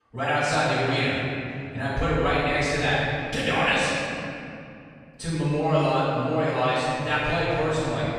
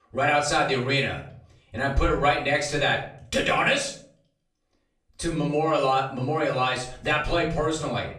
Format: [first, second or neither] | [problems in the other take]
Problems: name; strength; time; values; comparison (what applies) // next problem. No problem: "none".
second | room echo; strong; dies away in 2.9 s; slight in the second // off-mic speech; far; far in the second